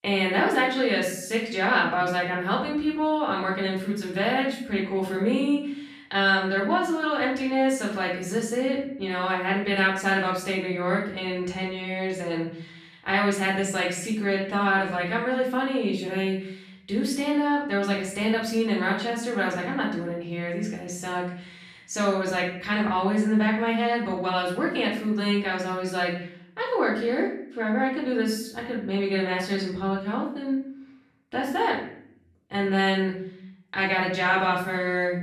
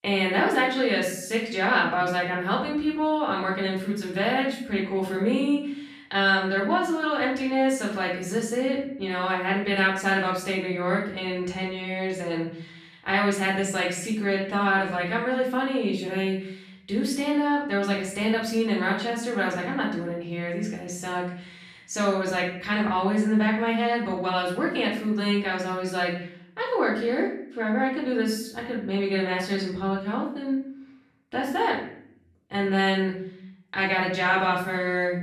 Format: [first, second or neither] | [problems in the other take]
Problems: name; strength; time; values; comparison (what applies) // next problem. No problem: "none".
neither | off-mic speech; far; the same in both // room echo; noticeable; dies away in 0.6 s; the same in both